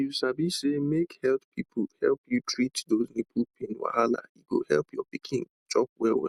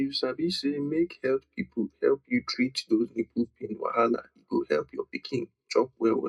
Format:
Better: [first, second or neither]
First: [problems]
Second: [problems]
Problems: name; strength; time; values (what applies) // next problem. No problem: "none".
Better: first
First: none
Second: room echo; dies away in 0.2 s